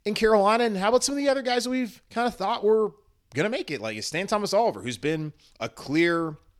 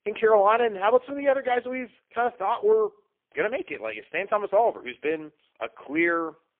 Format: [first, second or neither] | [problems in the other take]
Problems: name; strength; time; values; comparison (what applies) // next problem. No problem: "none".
first | phone-call audio; poor line